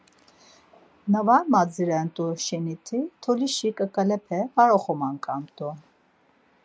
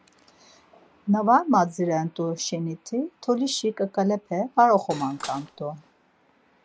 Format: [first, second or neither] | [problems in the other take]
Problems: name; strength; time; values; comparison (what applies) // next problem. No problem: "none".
first | background sound (Cutlery, silverware / Dishes, pots, and pans); 15 dB below the speech